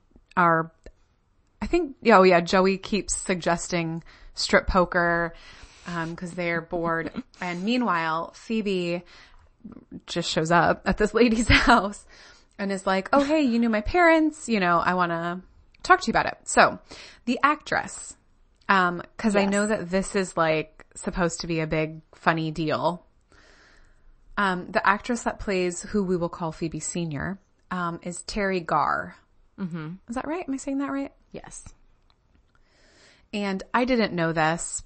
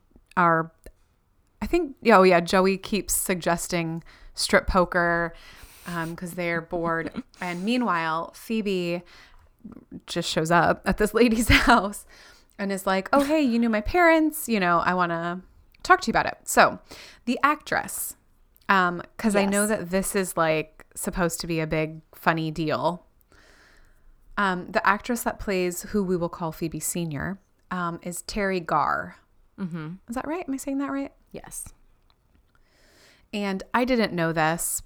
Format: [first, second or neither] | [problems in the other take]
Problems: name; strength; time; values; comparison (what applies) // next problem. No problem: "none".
second | garbled, watery; slightly; nothing above 8 kHz